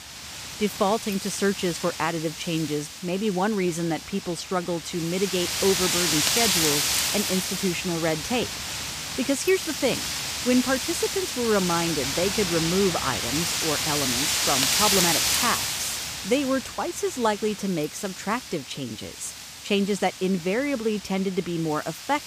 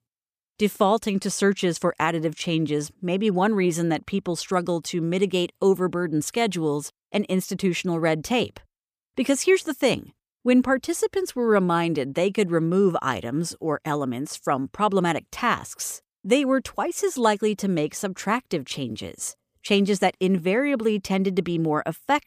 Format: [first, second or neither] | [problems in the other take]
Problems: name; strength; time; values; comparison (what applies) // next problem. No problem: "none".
second | wind noise on the microphone; heavy; 2 dB above the speech